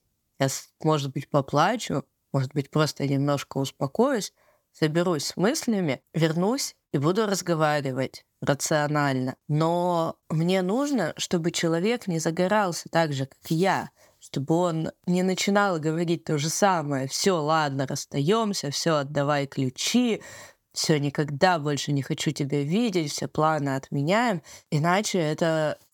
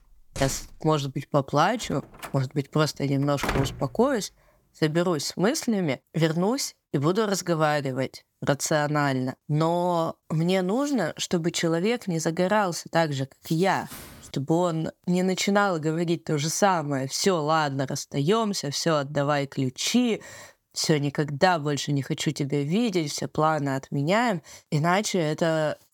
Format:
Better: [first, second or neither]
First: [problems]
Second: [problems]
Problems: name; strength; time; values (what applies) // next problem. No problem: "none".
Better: first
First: none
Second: door banging; faint; at 0.5 s; peak 10 dB below the speech // door banging; noticeable; from 2 to 4 s; peak 3 dB below the speech // footsteps; faint; at 14 s; peak 15 dB below the speech